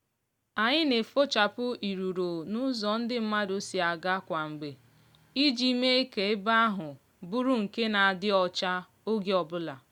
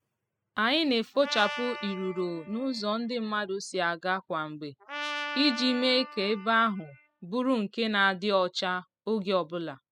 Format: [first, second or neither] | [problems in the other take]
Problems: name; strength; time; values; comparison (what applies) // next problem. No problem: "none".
first | noise reduction (classical method spectral subtraction)